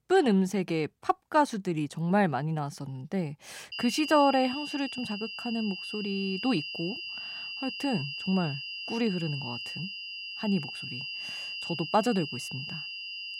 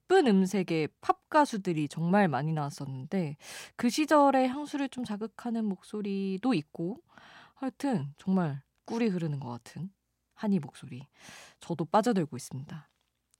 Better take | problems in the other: second | high-pitched whine; loud; from 3.5 s on; 3 kHz, 6 dB below the speech

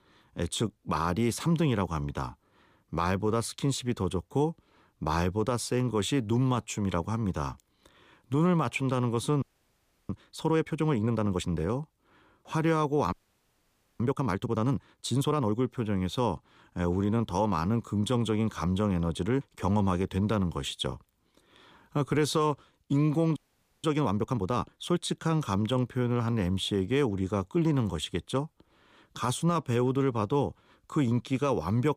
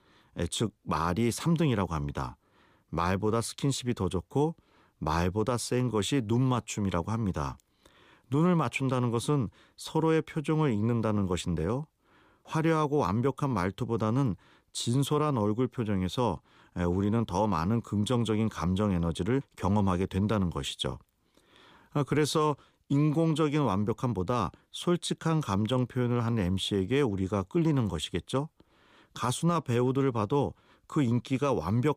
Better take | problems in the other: second | audio freezing; at 9.5 s for 0.5 s, at 13 s for 1 s and at 23 s

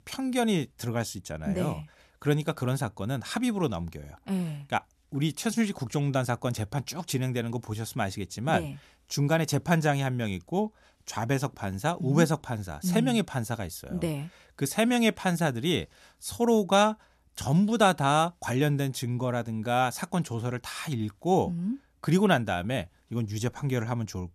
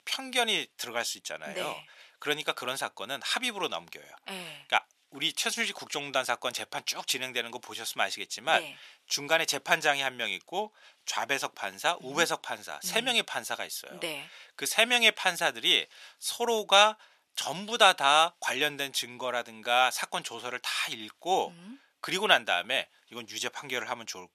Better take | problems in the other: first | thin; very; fading below 600 Hz

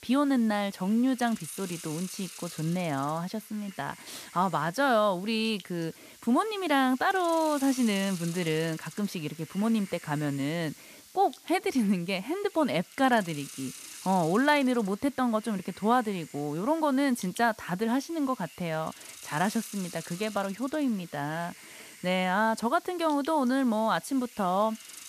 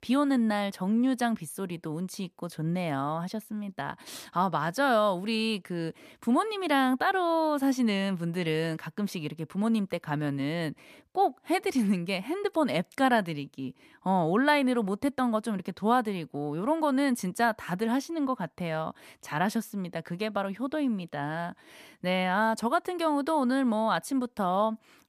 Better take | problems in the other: second | hiss; noticeable; throughout; 15 dB below the speech

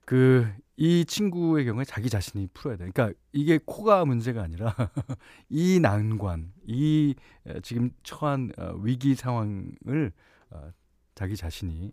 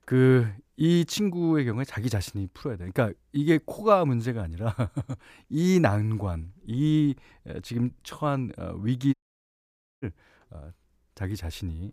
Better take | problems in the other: first | audio cutting out; at 9 s for 1 s

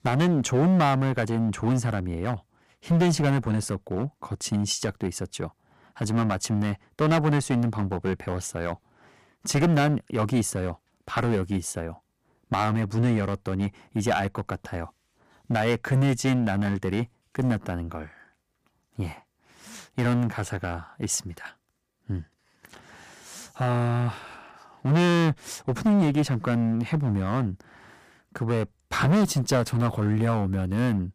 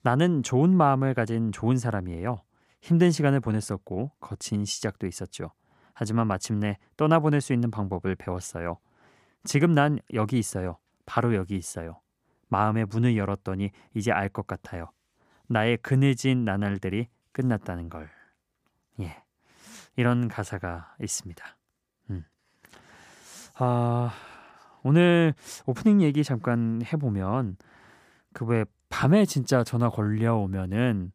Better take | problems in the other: second | distortion; heavy; 7% of the sound clipped

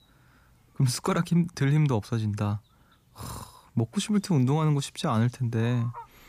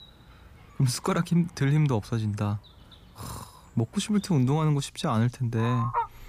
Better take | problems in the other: first | animal sounds; loud; throughout; 8 dB below the speech; faint in the first

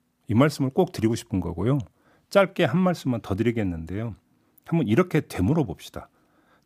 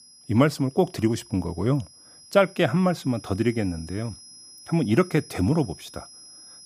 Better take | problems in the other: first | high-pitched whine; faint; throughout; 5 kHz, 20 dB below the speech

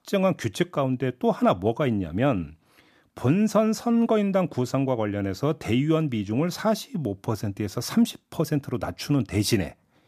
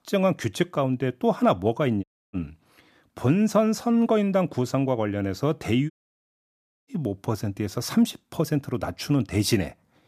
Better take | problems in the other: first | audio cutting out; at 2 s and at 6 s for 1 s

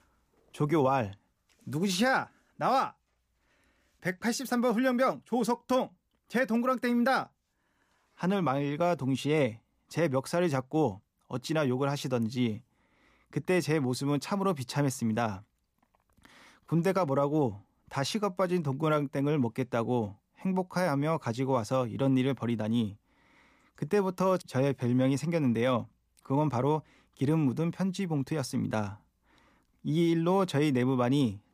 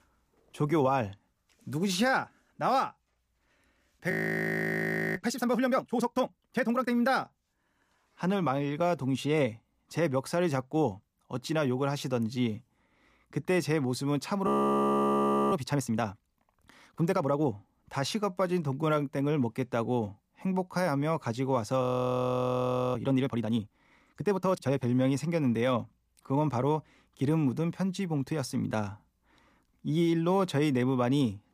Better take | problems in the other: first | audio freezing; at 4 s for 1 s, at 14 s for 1 s and at 22 s for 1 s

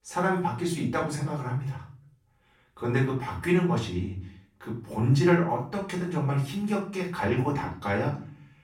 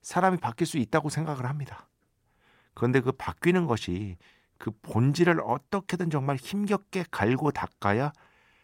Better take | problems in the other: second | off-mic speech; far // room echo; slight; dies away in 0.4 s

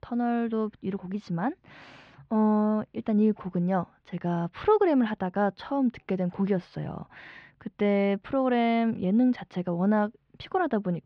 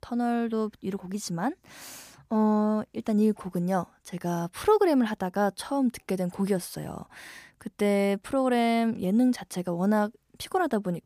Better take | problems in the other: second | muffled; slightly; fading above 3.5 kHz

